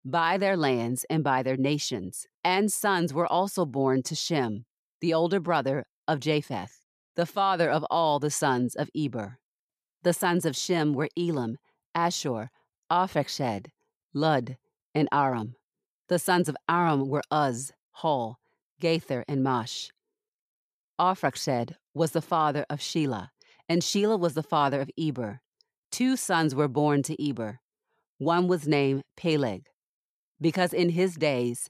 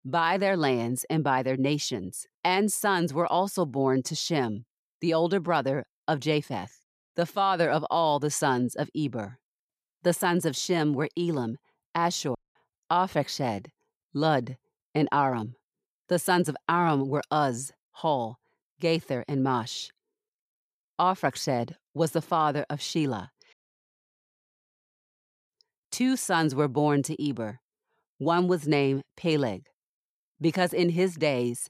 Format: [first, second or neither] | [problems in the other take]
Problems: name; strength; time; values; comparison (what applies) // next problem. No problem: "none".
first | audio cutting out; at 12 s and at 24 s for 2 s